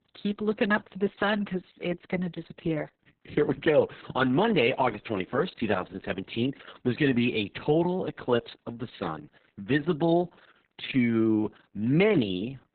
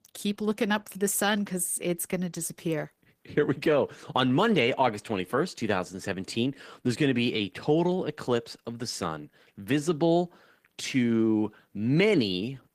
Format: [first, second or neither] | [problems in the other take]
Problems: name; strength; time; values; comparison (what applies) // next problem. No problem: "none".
second | garbled, watery; badly; nothing above 4 kHz; slightly in the second